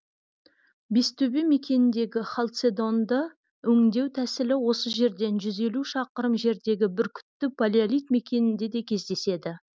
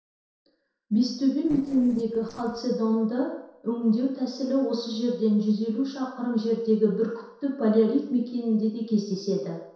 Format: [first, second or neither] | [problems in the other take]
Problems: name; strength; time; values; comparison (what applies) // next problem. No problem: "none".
first | noise reduction (neural separator model SepFormer DNS4)